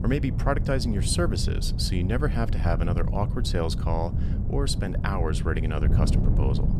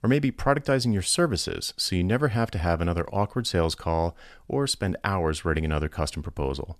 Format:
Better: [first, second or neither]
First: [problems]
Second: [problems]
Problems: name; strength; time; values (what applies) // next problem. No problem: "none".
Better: second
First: wind noise on the microphone; heavy; 9 dB below the speech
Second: none